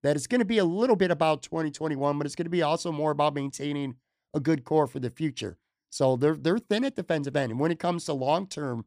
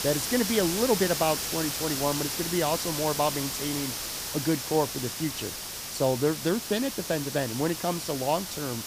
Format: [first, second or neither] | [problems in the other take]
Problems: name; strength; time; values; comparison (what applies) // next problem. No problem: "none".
first | hiss; loud; throughout; 3 dB below the speech